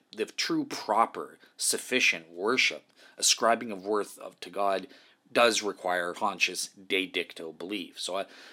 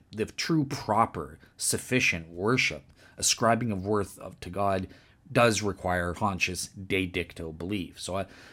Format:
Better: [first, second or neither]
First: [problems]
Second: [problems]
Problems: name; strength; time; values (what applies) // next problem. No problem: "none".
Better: second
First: thin; somewhat; fading below 300 Hz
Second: none